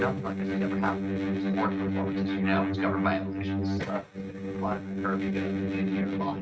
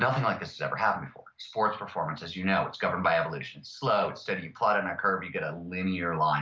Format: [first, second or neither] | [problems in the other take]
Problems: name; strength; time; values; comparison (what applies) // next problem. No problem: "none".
second | noise reduction (neural mask model RNNoise)